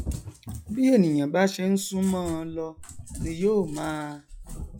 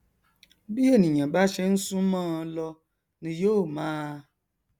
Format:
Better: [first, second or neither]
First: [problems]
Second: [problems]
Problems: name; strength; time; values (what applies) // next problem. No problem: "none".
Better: second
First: noise reduction (classical method log-MMSE)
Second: none